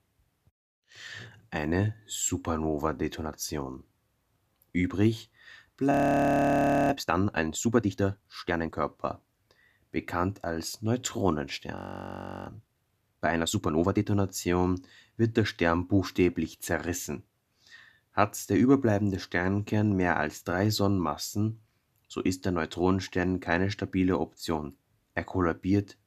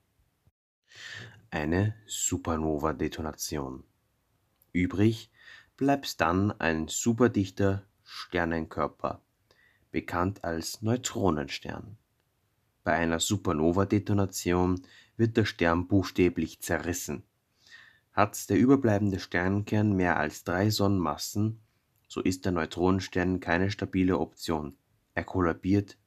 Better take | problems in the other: second | audio freezing; at 6 s for 1 s and at 12 s for 0.5 s

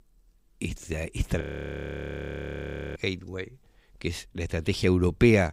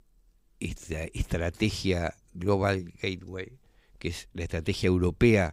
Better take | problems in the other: second | audio freezing; at 1.5 s for 1.5 s

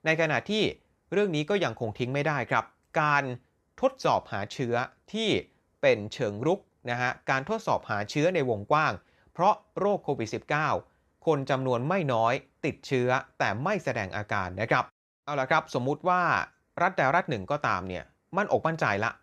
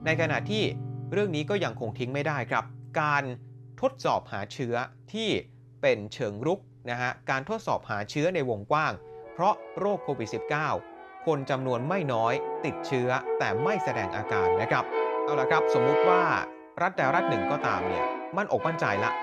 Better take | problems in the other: first | background music; loud; throughout; 2 dB below the speech

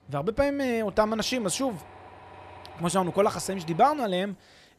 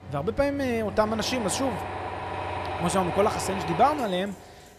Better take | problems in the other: first | machinery noise; loud; throughout; 7 dB below the speech; faint in the first

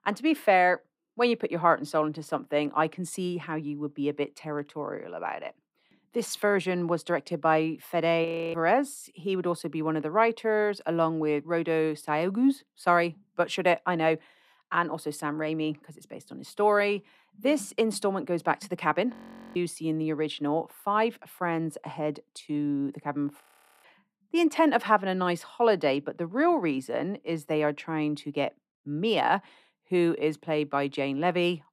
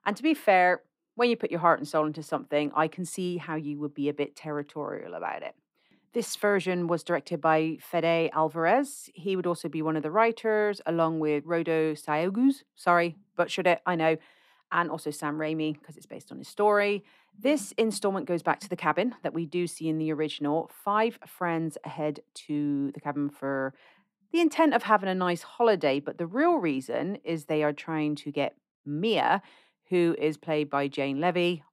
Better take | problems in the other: second | audio freezing; at 8.5 s, at 19 s and at 23 s

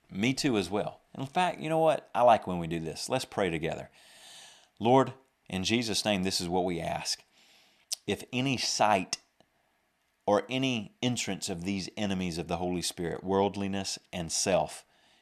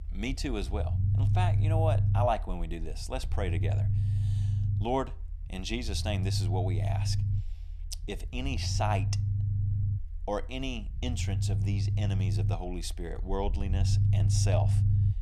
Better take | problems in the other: first | low rumble; loud; throughout; 8 dB below the speech

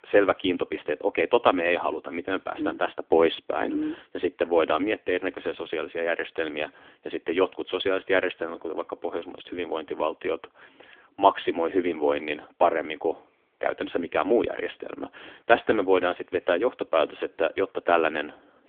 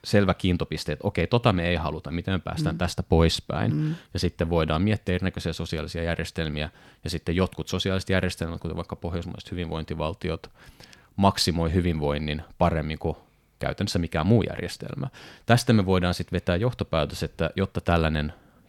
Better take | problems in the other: second | phone-call audio; nothing above 3.5 kHz

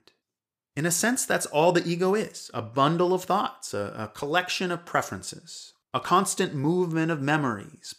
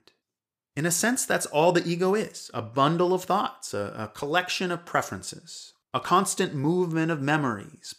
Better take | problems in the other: neither | none

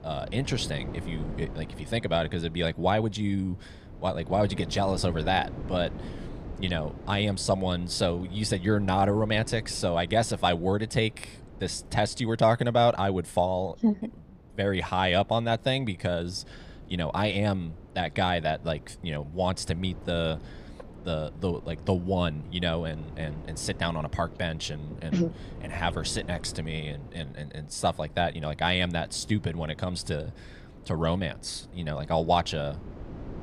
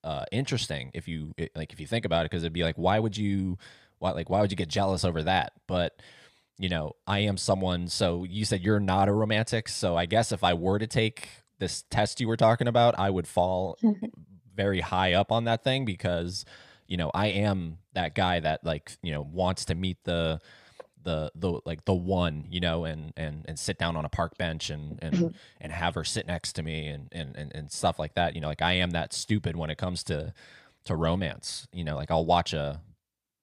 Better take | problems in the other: second | wind noise on the microphone; occasional gusts; 20 dB below the speech

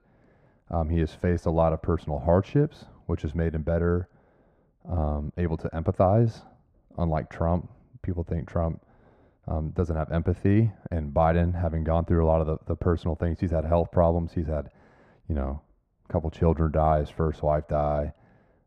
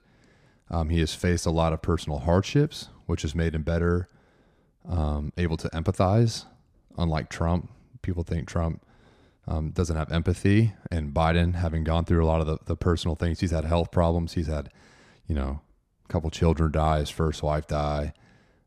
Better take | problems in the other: second | muffled; very; fading above 2.5 kHz

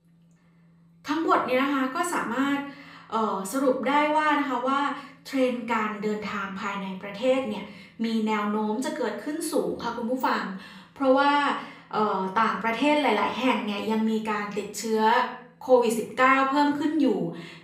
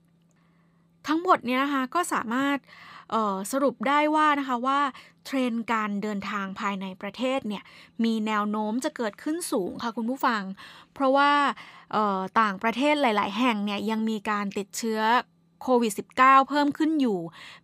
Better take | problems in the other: second | room echo; slight; dies away in 0.5 s // off-mic speech; far

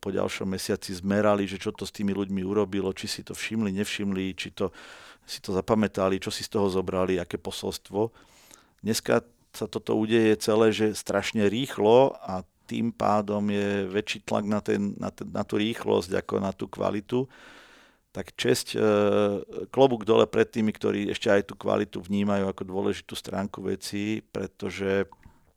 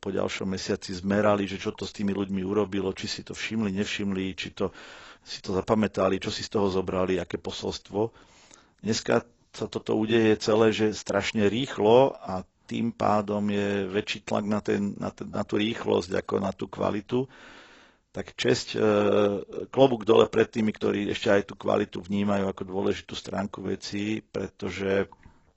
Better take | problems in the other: first | garbled, watery; badly; nothing above 7.5 kHz

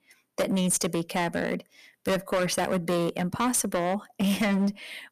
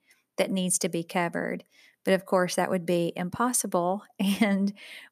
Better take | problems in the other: second | distortion; heavy; 14% of the sound clipped

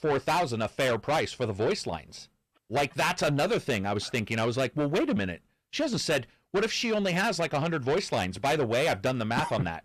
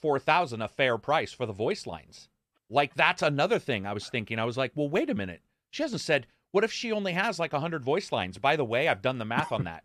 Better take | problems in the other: second | distortion; heavy; 6 dB below the speech

